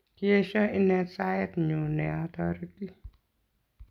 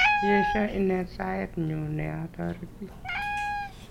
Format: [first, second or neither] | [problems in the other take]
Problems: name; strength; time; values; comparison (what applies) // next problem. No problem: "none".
first | background sound (Meow); as loud as the speech